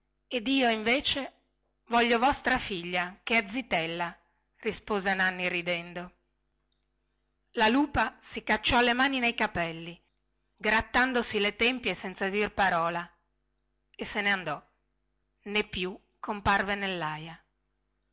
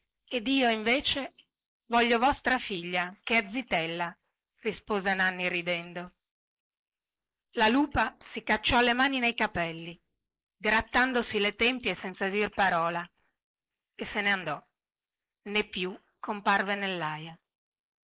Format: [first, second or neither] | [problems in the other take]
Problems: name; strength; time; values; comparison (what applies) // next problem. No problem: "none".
first | noise reduction (neural mask model Resemble Enhance denoiser)